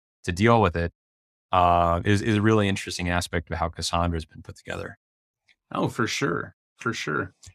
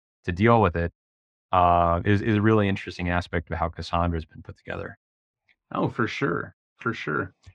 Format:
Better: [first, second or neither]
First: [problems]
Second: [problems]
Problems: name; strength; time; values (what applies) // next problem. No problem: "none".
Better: first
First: none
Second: muffled; slightly; fading above 2.5 kHz